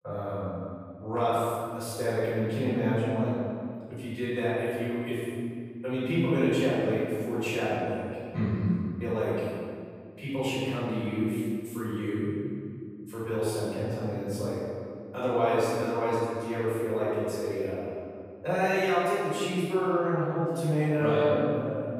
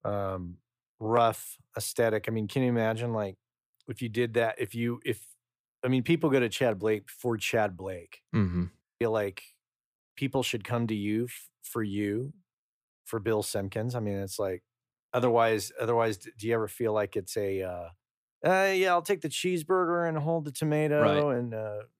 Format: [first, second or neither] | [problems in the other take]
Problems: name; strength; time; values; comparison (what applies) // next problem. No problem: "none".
second | off-mic speech; far // room echo; strong; dies away in 2.2 s